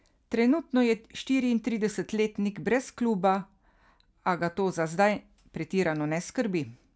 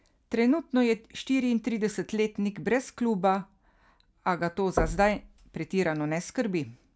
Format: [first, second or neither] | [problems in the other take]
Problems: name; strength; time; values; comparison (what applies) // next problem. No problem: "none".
first | background sound (Knock / Wood); 8 dB below the speech